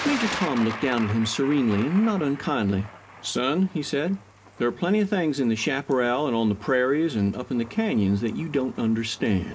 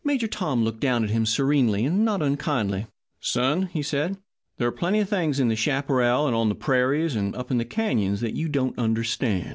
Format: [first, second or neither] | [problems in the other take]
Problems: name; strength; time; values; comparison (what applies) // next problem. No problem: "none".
second | background sound (Thunder); 14 dB below the speech // room echo; dies away in 0.3 s